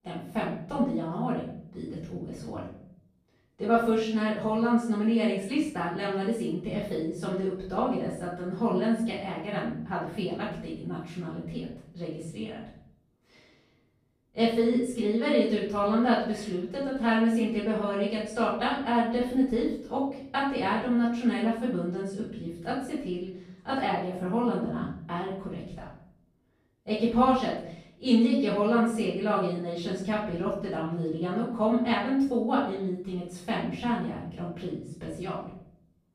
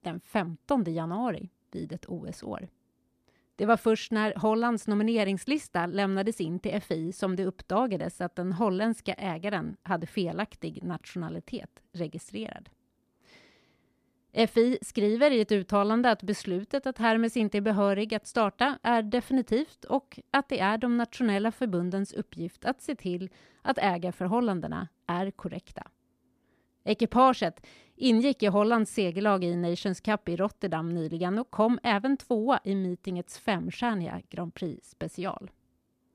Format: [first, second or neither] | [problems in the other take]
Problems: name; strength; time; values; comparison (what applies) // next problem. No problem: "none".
second | off-mic speech; far // room echo; noticeable; dies away in 0.6 s